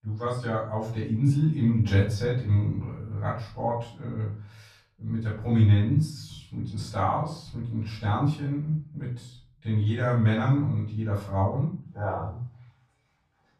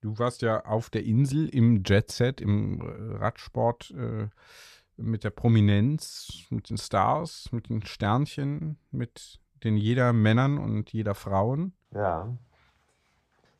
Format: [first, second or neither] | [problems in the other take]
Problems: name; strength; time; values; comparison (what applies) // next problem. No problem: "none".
second | off-mic speech; far // room echo; noticeable; dies away in 0.4 s